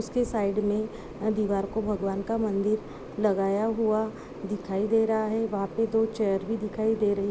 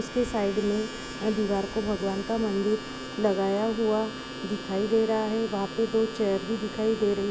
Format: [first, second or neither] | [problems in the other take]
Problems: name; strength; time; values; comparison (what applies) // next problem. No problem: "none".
first | background sound (Domestic sounds, home sounds); 13 dB below the speech